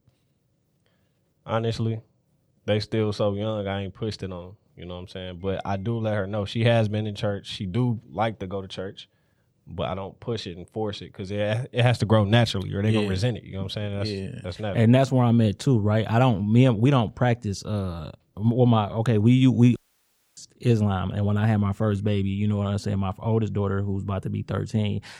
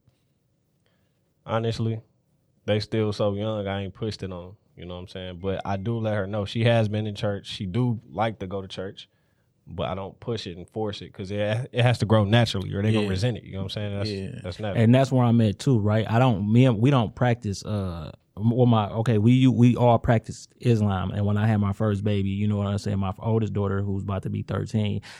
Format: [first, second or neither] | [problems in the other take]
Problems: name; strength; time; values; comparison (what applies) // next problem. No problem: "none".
second | audio cutting out; at 20 s for 0.5 s